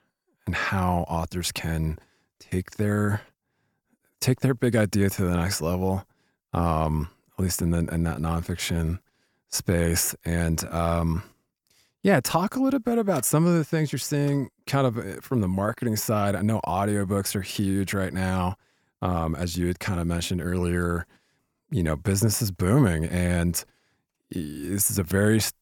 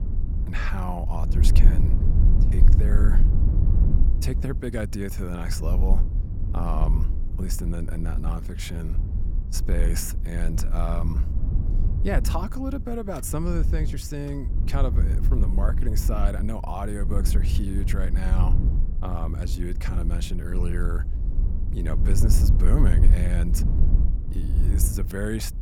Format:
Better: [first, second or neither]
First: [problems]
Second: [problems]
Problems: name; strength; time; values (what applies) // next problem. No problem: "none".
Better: first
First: none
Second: low rumble; loud; throughout; 7 dB below the speech